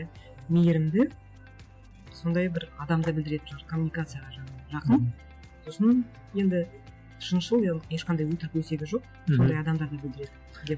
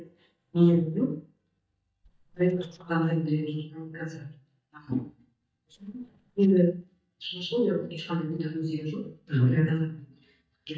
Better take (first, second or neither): first